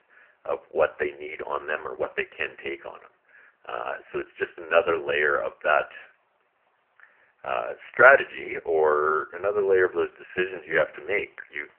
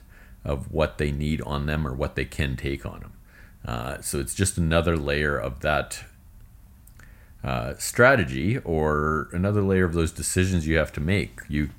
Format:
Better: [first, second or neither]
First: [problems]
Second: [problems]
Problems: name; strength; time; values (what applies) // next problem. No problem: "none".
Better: second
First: phone-call audio; poor line; nothing above 3 kHz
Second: none